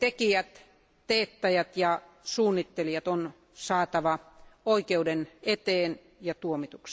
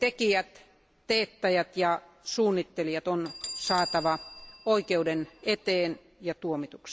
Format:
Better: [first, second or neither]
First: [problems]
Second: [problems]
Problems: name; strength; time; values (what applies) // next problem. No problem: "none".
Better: first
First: none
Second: background sound (Bell); 15 dB below the speech